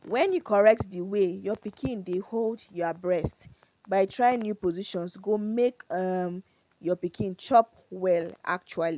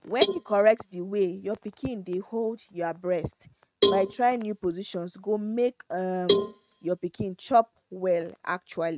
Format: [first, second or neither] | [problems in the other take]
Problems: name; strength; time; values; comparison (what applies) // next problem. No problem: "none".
first | noise reduction (neural mask model RNNoise)